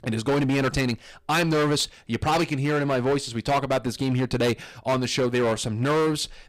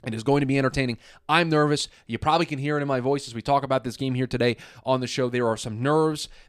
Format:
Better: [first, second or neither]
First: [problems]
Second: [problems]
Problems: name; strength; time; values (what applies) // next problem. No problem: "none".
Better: second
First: distortion; heavy; 16% of the sound clipped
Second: none